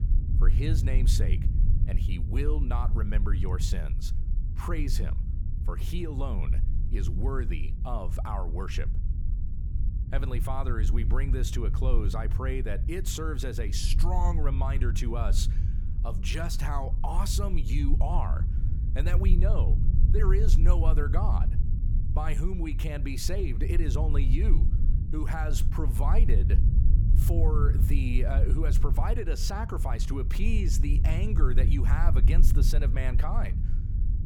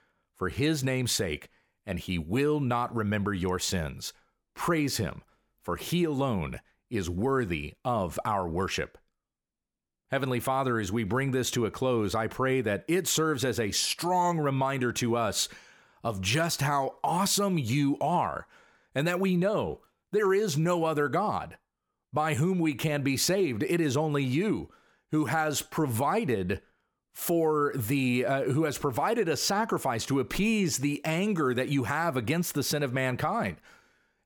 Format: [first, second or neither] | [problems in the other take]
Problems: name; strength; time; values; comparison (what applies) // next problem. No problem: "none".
second | low rumble; loud; throughout; 8 dB below the speech